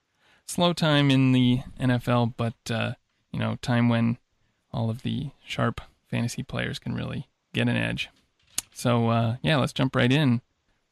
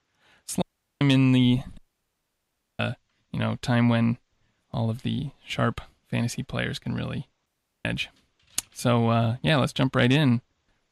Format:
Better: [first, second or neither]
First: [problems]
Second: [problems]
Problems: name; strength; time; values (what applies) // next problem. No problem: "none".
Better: first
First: none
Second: audio cutting out; at 0.5 s, at 2 s for 1 s and at 7.5 s